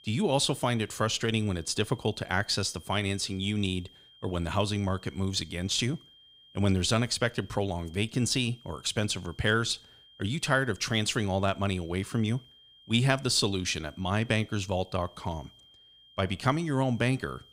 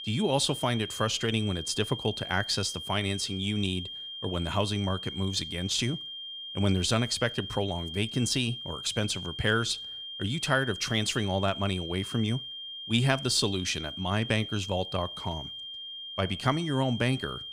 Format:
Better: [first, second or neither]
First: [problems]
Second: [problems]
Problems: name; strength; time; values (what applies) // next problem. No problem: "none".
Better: first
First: high-pitched whine; faint; throughout; 3 kHz, 25 dB below the speech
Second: high-pitched whine; loud; throughout; 3 kHz, 8 dB below the speech